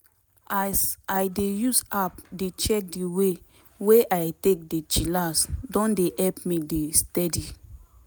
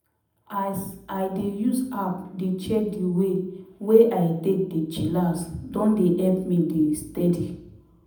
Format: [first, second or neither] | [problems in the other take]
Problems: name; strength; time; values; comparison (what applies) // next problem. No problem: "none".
first | room echo; dies away in 0.8 s